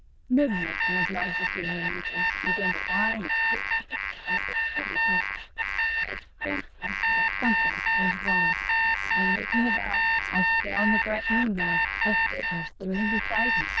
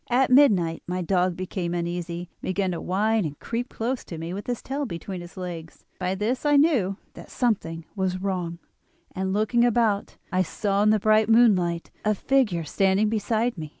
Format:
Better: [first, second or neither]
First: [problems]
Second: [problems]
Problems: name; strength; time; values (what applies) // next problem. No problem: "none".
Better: second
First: noise reduction (neural diffusion model UNIVERSE++)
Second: none